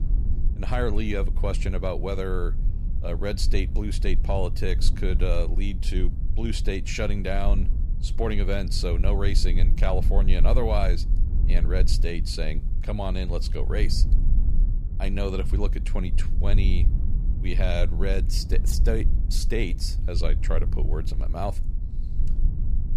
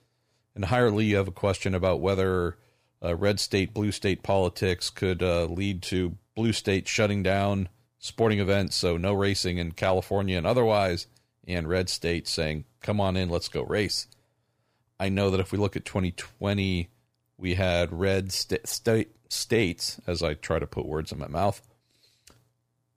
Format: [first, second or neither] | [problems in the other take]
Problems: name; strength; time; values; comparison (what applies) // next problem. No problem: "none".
second | low rumble; noticeable; throughout; 15 dB below the speech